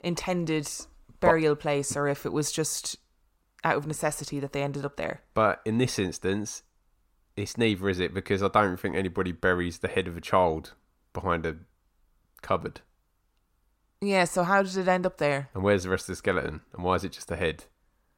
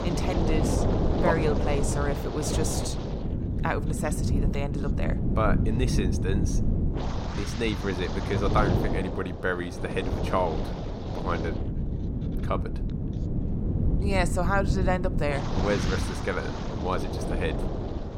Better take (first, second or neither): first